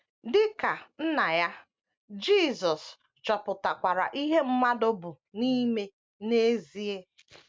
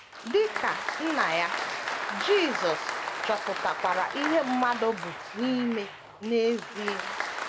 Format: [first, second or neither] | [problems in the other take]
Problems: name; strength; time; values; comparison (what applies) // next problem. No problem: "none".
first | background sound (Applause); 5 dB below the speech